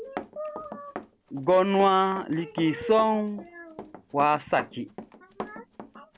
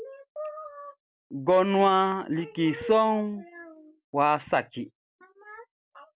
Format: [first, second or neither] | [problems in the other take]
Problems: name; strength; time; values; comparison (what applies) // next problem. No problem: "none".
second | background sound (Run); 15 dB below the speech